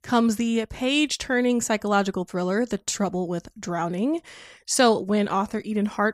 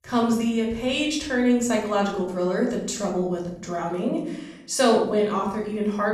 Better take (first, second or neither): first